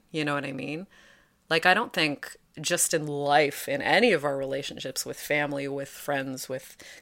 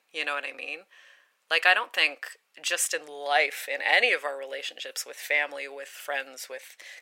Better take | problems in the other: first | thin; very; fading below 550 Hz

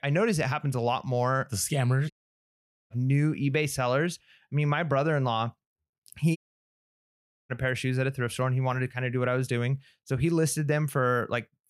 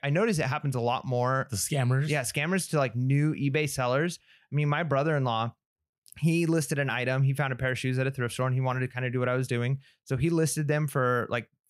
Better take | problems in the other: second | audio cutting out; at 2 s for 1 s and at 6.5 s for 1 s

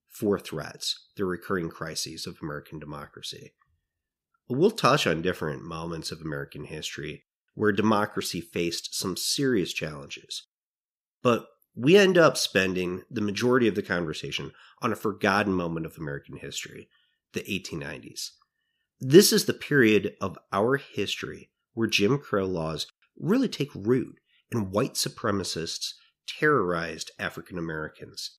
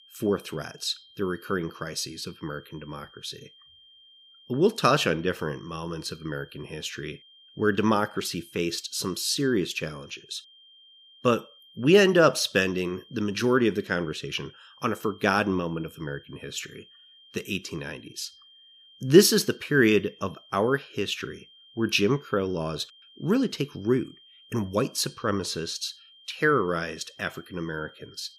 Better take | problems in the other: first | high-pitched whine; faint; throughout; 3 kHz, 25 dB below the speech

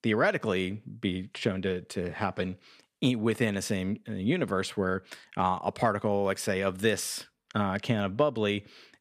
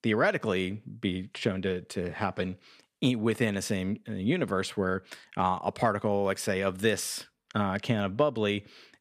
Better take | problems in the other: neither | none

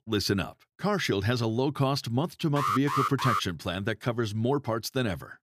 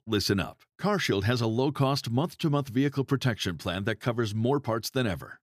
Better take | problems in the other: second | alarm; loud; at 2.5 s; peak 1 dB above the speech

